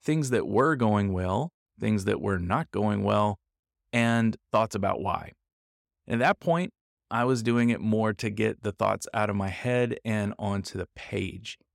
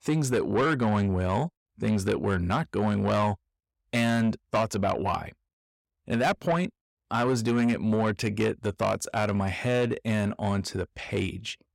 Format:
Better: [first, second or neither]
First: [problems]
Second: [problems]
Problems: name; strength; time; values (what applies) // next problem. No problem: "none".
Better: first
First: none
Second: distortion; slight; 10 dB below the speech